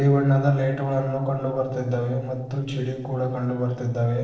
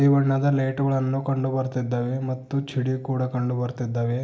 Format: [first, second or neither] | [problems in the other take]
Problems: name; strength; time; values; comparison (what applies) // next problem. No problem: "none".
second | noise reduction (neural separator model SepFormer DNS4)